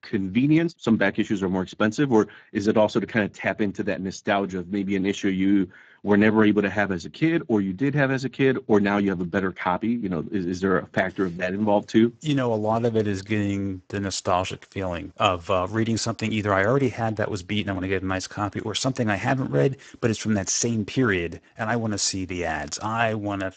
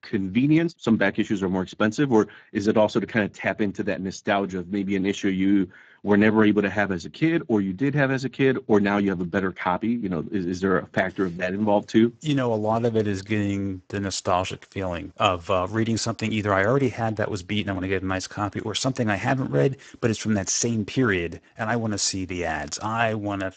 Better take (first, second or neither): neither